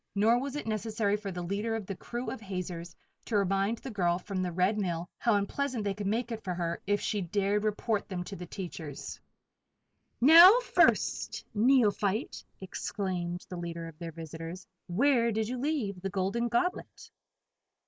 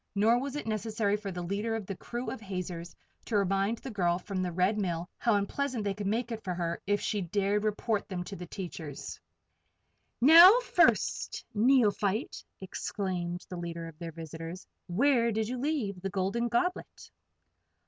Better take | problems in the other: second | noise reduction (neural mask model Resemble Enhance denoiser)

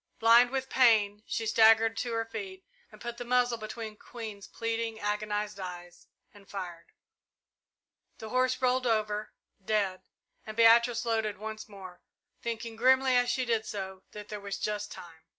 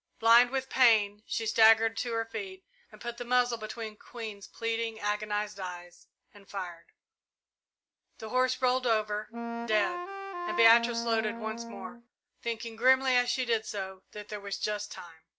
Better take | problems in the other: first | background sound (Wind instrument, woodwind instrument); 5 dB below the speech

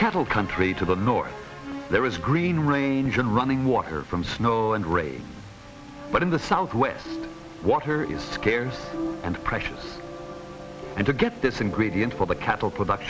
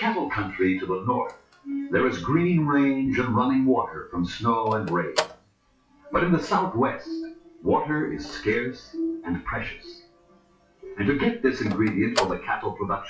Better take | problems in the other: first | noise reduction (classical method WPE with log-MMSE)

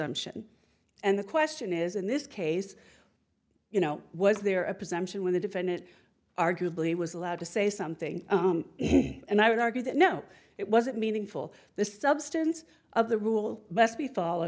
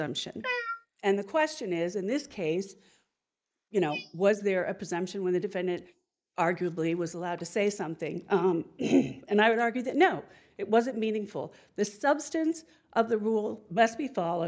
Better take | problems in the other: first | noise reduction (neural mask model Resemble Enhance denoiser)

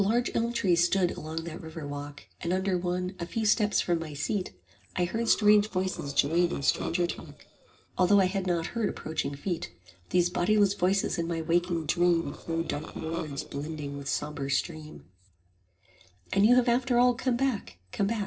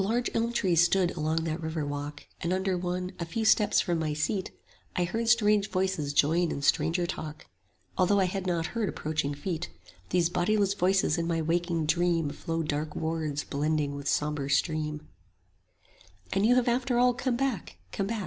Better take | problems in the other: second | noise reduction (neural separator model SepFormer DNS4)

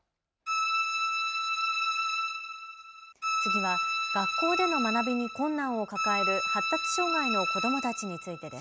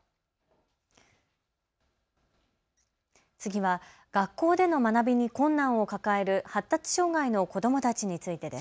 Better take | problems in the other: second | background sound (Bowed string instrument); 3 dB above the speech

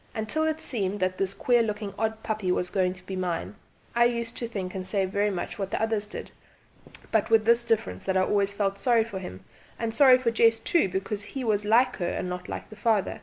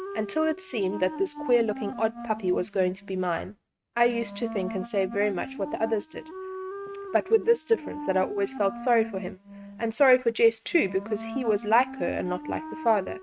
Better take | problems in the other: first | noise reduction (neural mask model RNNoise)

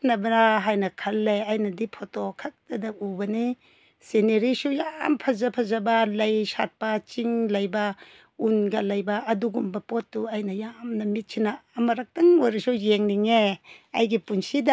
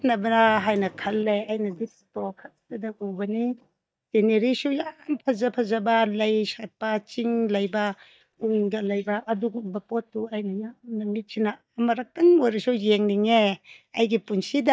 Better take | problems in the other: first | noise reduction (neural mask model DeepFilterNet 3)

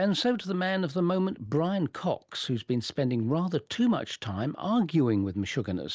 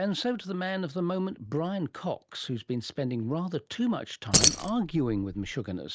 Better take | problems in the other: first | background sound (Keys jangling); 4 dB above the speech

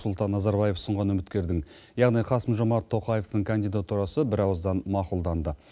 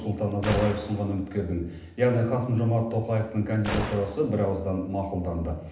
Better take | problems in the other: first | background sound (Gunshot, gunfire); 11 dB below the speech // room echo; dies away in 0.8 s

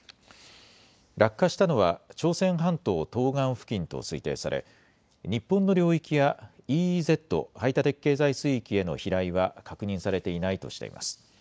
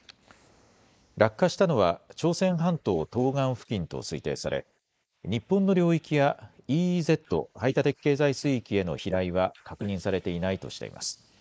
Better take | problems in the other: first | noise reduction (neural mask model Resemble Enhance denoiser)

